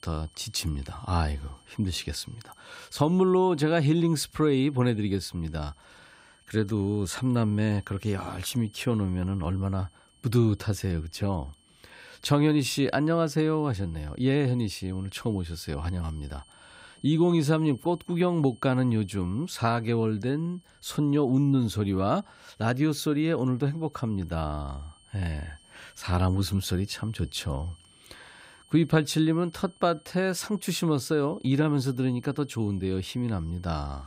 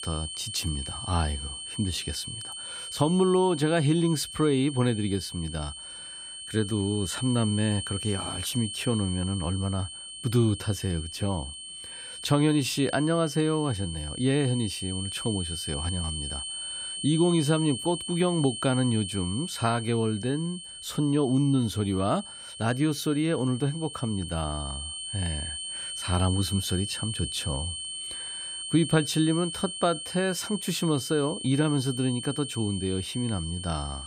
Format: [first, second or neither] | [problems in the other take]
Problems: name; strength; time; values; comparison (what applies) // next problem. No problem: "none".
first | high-pitched whine; loud; throughout; 3 kHz, 7 dB below the speech; faint in the first